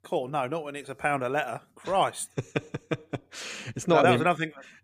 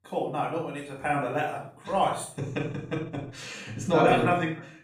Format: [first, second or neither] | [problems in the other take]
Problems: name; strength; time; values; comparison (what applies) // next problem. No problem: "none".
first | off-mic speech; far // room echo; noticeable; dies away in 0.4 s